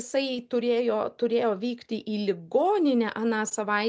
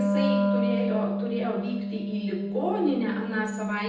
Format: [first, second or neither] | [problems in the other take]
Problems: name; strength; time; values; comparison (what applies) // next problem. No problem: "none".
first | background sound (Wind instrument, woodwind instrument); 2 dB above the speech // room echo; dies away in 0.9 s